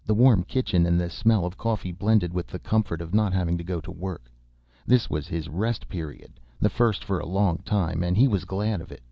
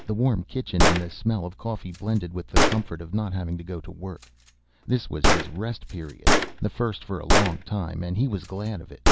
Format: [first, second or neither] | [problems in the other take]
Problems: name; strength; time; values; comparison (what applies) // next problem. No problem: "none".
first | background sound (Gunshot, gunfire); 3 dB above the speech